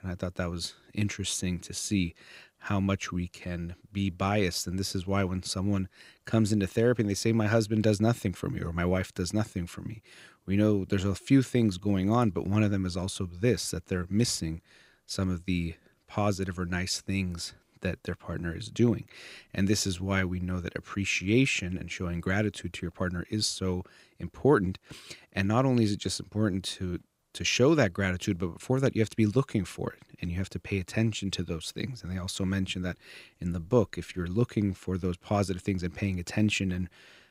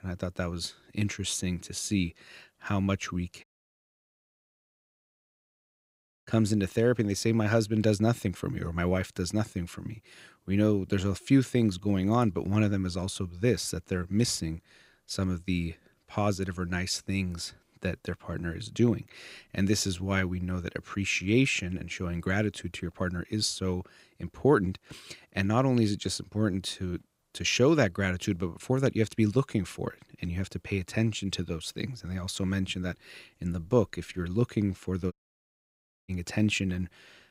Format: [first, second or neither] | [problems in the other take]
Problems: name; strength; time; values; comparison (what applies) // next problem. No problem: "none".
first | audio cutting out; at 3.5 s for 3 s and at 35 s for 1 s